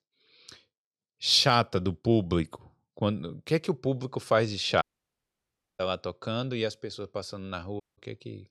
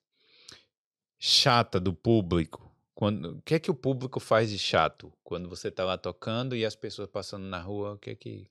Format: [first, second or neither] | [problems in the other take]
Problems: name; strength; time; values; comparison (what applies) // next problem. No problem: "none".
second | audio cutting out; at 5 s for 1 s and at 8 s